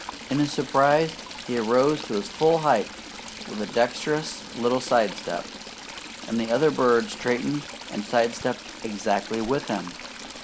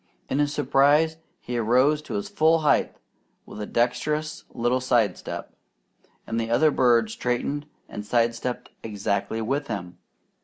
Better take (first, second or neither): second